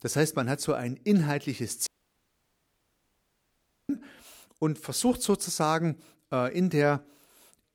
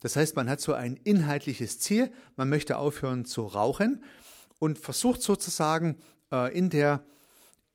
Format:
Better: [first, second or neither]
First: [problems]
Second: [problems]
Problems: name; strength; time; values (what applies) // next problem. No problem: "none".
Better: second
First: audio cutting out; at 2 s for 2 s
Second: none